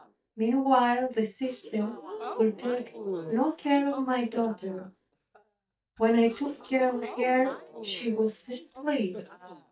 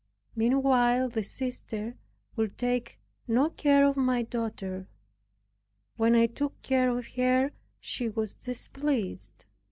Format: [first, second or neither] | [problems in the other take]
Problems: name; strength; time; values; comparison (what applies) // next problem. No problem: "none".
second | noise reduction (neural mask model DeepFilterNet 3)